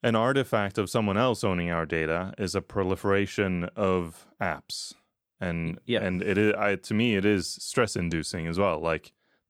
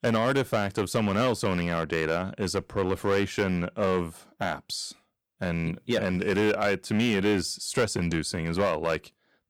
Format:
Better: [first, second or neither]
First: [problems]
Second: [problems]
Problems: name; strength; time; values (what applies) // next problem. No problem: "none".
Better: first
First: none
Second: distortion; slight; 6% of the sound clipped